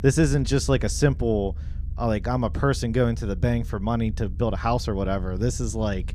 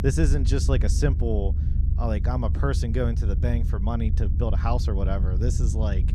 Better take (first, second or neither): first